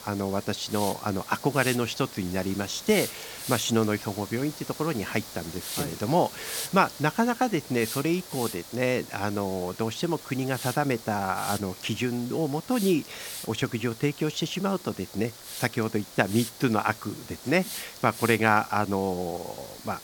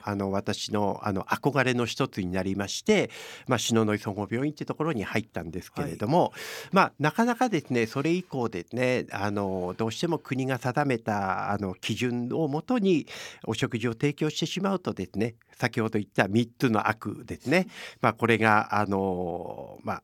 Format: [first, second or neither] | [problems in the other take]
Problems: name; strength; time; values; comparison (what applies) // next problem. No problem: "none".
second | hiss; noticeable; throughout; 10 dB below the speech